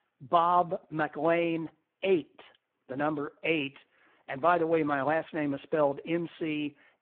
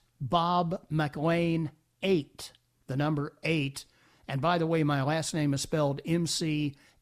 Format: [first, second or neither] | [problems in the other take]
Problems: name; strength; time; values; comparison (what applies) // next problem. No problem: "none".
second | phone-call audio; poor line